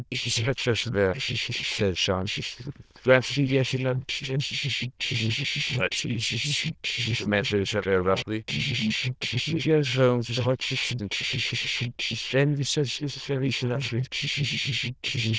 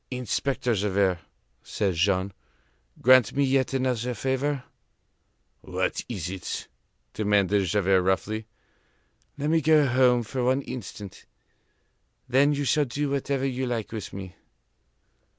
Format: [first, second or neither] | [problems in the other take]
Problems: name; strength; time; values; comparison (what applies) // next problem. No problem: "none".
second | noise reduction (neural diffusion model UNIVERSE++)